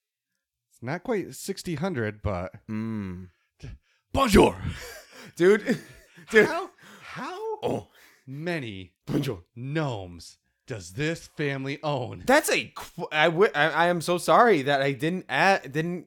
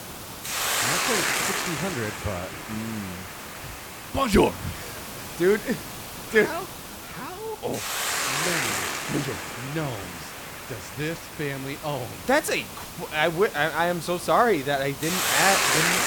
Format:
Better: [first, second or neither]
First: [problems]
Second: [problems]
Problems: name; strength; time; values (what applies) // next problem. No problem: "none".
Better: first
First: none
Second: hiss; loud; throughout; 2 dB below the speech